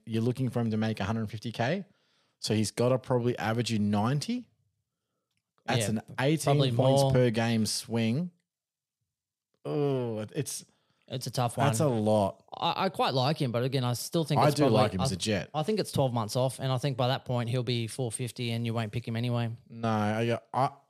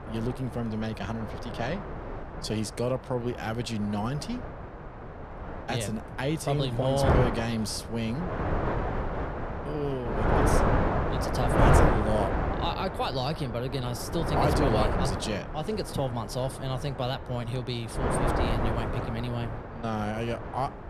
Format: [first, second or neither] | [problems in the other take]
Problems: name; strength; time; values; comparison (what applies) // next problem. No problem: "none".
first | wind noise on the microphone; heavy; 1 dB above the speech